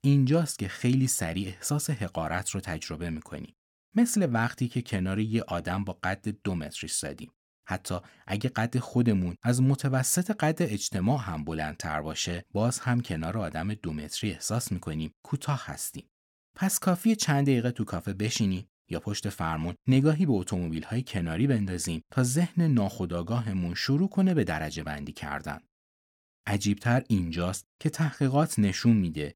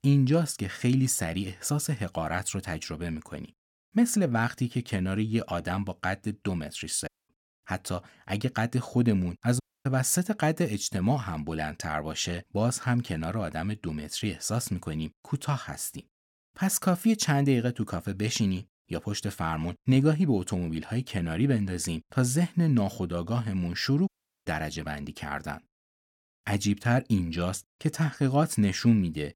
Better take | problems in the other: first | audio cutting out; at 7 s, at 9.5 s and at 24 s

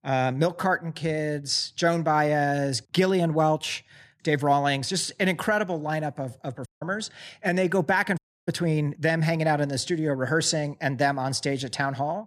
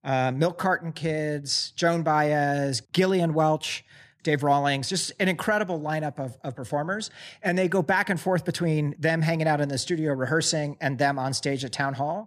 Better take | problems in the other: second | audio cutting out; at 6.5 s and at 8 s

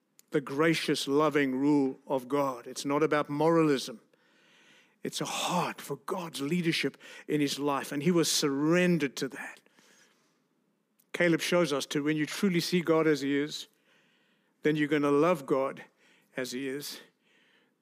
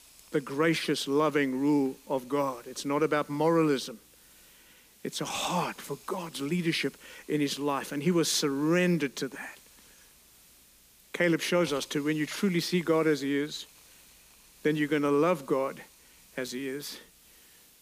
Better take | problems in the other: first | hiss; faint; throughout; 25 dB below the speech

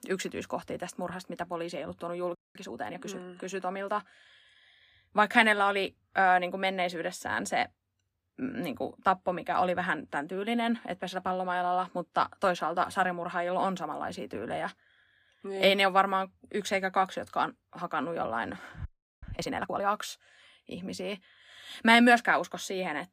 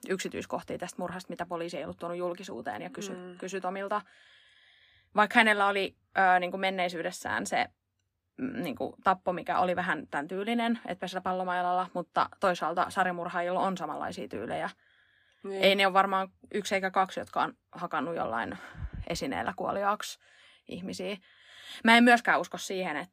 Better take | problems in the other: second | audio freezing; at 2.5 s and at 19 s

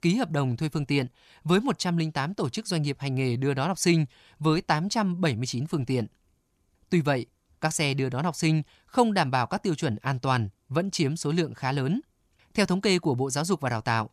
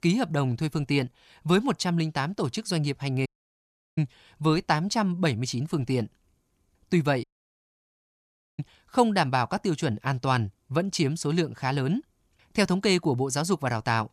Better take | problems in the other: first | audio cutting out; at 3.5 s for 0.5 s and at 7 s for 1.5 s

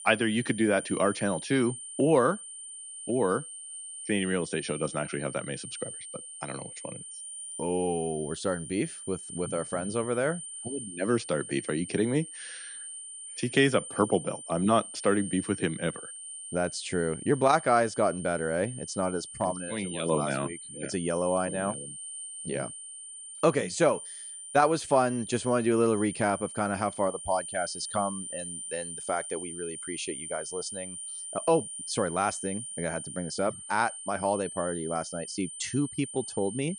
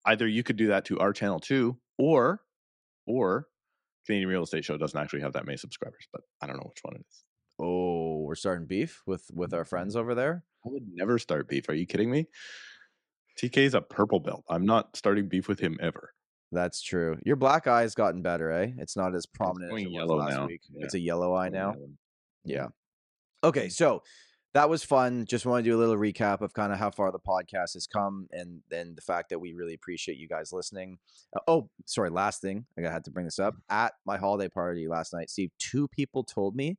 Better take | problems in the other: second | high-pitched whine; loud; throughout; 9 kHz, 9 dB below the speech

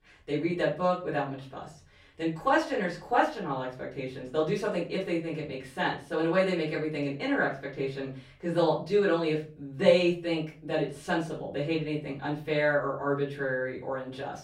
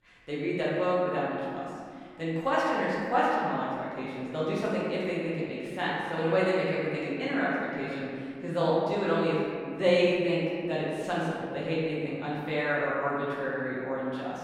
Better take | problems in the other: first | room echo; strong; dies away in 2.1 s; slight in the first // off-mic speech; far; far in the first

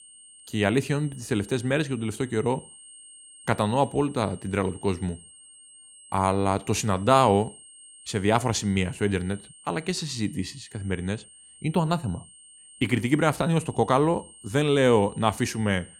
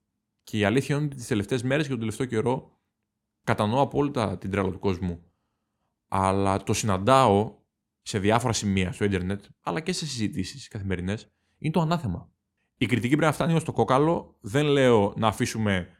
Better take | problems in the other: second | high-pitched whine; faint; throughout; 8.5 kHz, 20 dB below the speech

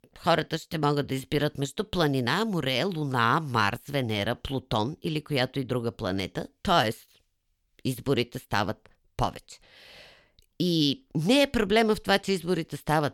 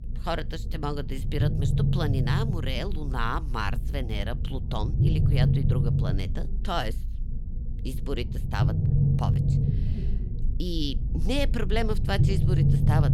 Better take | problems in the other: first | low rumble; loud; throughout; 5 dB below the speech

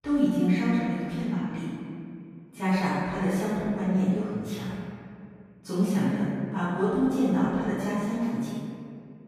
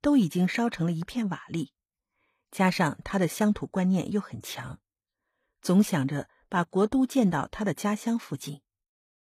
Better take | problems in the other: second | off-mic speech; far // room echo; strong; dies away in 2.4 s

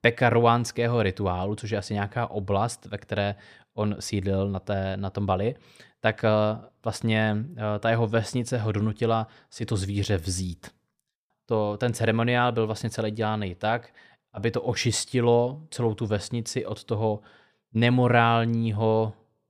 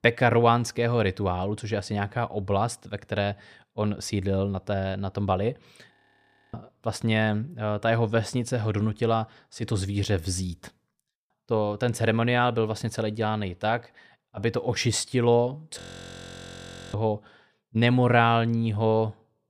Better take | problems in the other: first | audio freezing; at 6 s for 0.5 s and at 16 s for 1 s

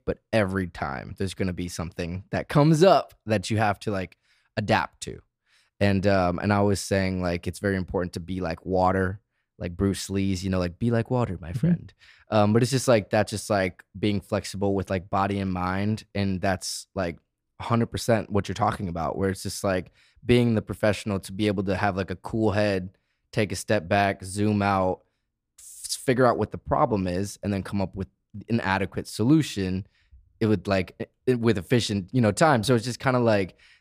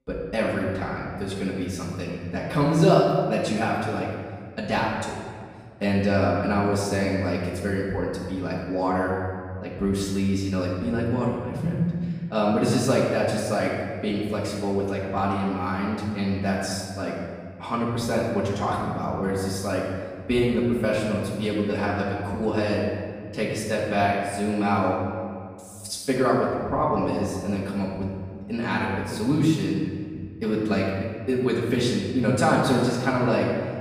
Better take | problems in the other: first | off-mic speech; far // room echo; noticeable; dies away in 1.5 s

